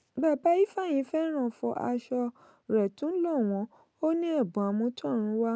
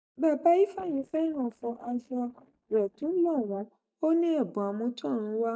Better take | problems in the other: first | noise reduction (neural mask model DeepFilterNet 3)

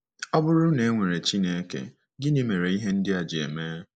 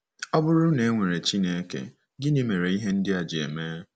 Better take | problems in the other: second | noise reduction (neural mask model Resemble Enhance denoiser)

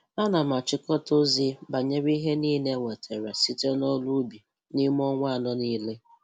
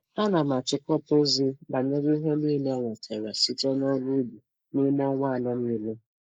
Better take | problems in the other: first | noise reduction (neural mask model Resemble Enhance denoiser)

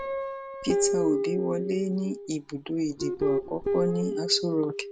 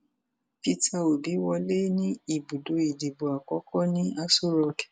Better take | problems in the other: second | background sound (Guitar); as loud as the speech

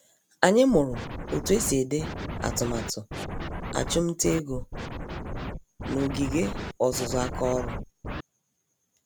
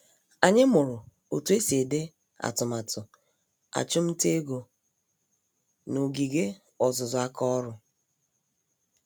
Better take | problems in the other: second | background sound (Scratching (performance technique)); 6 dB below the speech

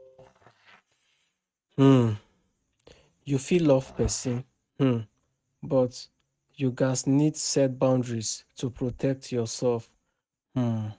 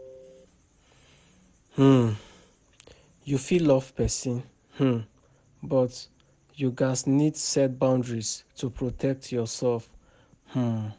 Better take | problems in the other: second | noise reduction (neural mask model RNNoise)

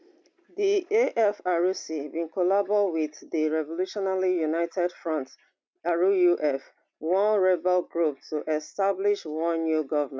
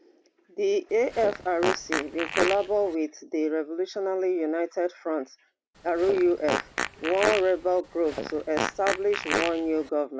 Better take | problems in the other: first | background sound (Fart); 5 dB below the speech

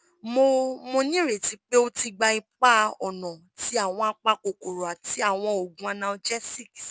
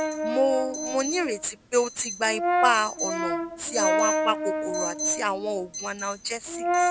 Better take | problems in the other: first | background sound (Brass instrument + Alarm); as loud as the speech

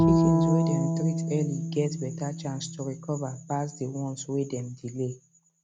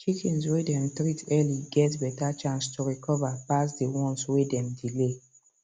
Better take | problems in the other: second | background sound (Bowed string instrument); 3 dB above the speech

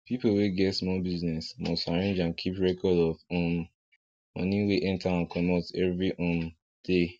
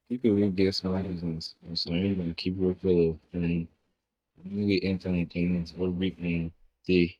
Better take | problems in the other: first | noise reduction (neural mask model DeepFilterNet 3)

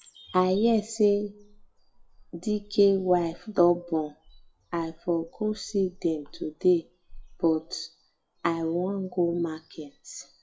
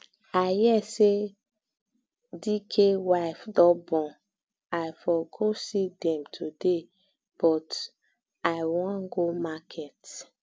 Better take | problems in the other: second | noise reduction (classical method WPE with log-MMSE)

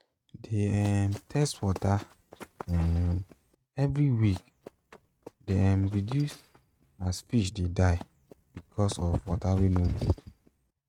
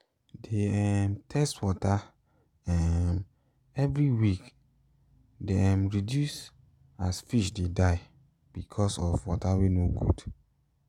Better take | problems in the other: second | noise reduction (neural mask model RNNoise)

